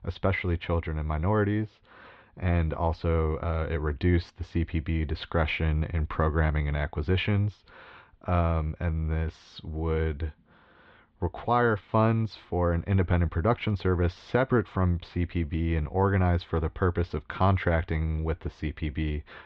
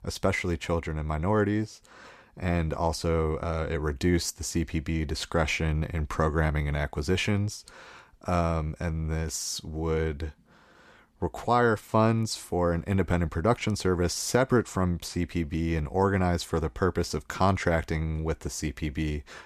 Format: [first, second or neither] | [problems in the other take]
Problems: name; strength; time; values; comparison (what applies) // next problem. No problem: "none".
second | muffled; very; fading above 3.5 kHz